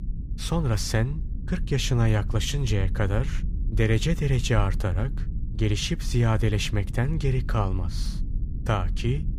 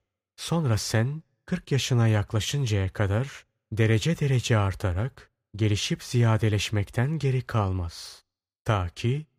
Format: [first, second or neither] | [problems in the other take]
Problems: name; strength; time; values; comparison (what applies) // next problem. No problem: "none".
second | low rumble; noticeable; throughout; 15 dB below the speech